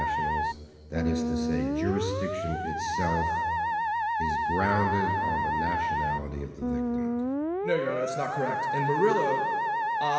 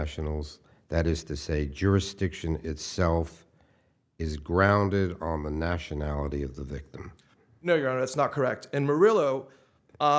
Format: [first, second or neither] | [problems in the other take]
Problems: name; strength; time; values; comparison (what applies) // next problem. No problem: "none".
second | background sound (Musical instrument); 3 dB above the speech // room echo; dies away in 2.1 s